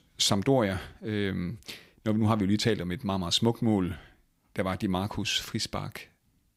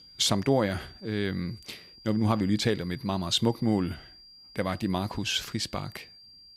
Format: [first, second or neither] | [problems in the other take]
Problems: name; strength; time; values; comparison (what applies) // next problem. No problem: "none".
first | high-pitched whine; faint; throughout; 4.5 kHz, 20 dB below the speech